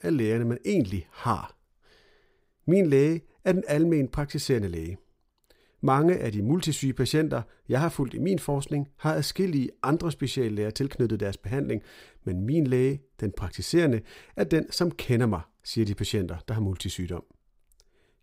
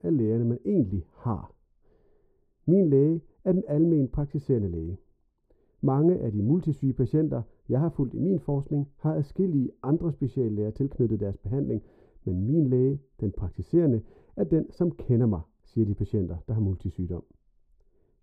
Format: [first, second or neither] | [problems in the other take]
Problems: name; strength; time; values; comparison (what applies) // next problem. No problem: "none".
first | muffled; very; fading above 1 kHz